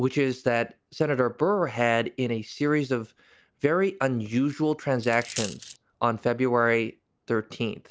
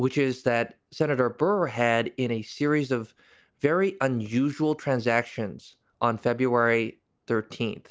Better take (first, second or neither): second